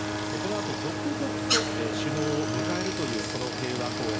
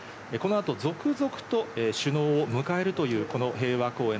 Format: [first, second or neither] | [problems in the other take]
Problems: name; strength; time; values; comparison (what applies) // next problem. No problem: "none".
second | background sound (Bowed string instrument + Stream); 3 dB above the speech